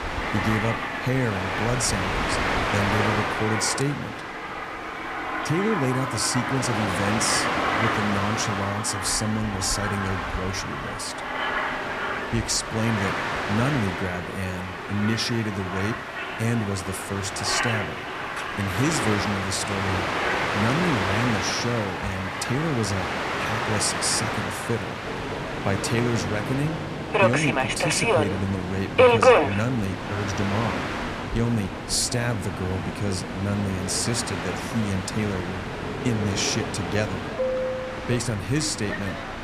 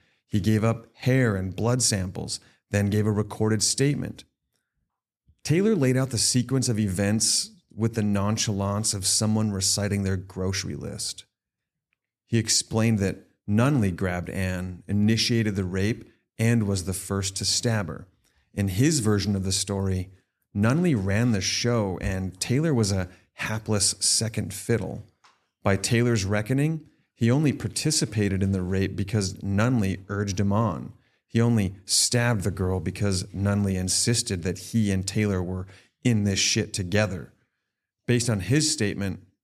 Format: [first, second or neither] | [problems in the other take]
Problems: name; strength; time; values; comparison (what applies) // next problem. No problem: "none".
second | train or aircraft noise; very loud; throughout; as loud as the speech